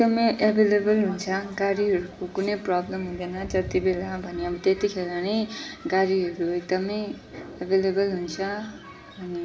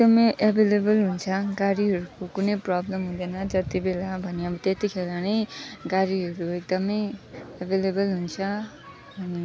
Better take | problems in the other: second | room echo; dies away in 2.6 s

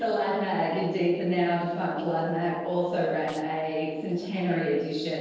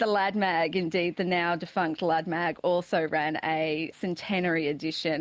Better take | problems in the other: second | noise reduction (neural separator model SepFormer DNS4)

